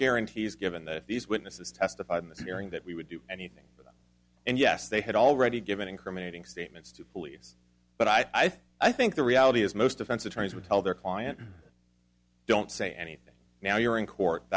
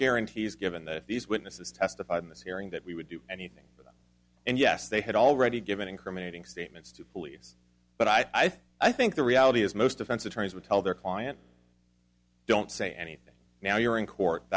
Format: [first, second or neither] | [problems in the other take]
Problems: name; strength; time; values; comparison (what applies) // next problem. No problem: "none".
second | background sound (Cough); 15 dB below the speech